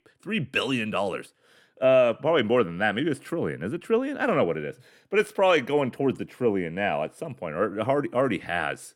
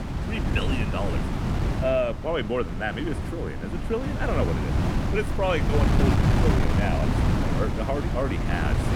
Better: first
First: none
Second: wind noise on the microphone; heavy; 3 dB below the speech

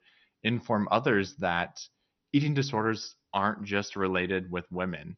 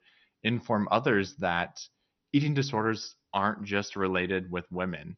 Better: neither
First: garbled, watery; slightly; nothing above 6 kHz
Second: garbled, watery; slightly; nothing above 6 kHz

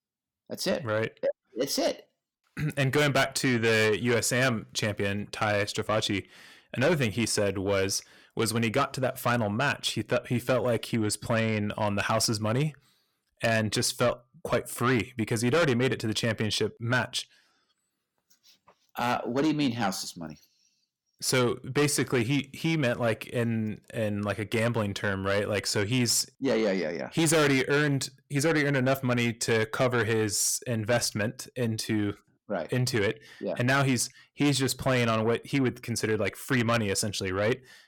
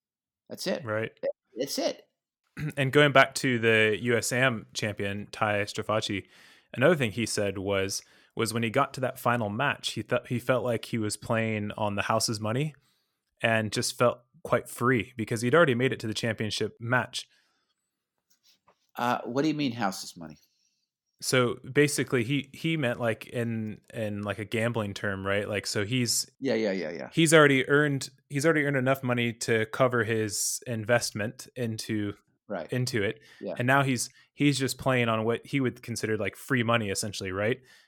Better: second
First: distortion; heavy; 8 dB below the speech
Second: none

